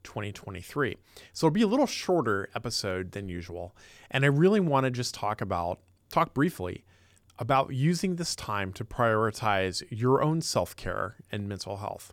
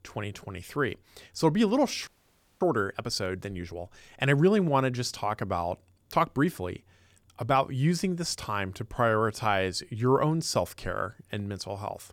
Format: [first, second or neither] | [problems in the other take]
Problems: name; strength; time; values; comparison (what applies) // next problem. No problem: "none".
first | audio freezing; at 2 s for 0.5 s